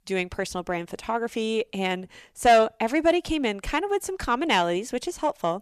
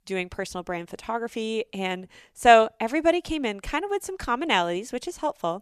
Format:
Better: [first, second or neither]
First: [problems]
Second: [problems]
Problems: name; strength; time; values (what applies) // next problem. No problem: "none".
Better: second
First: distortion; slight; 10 dB below the speech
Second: none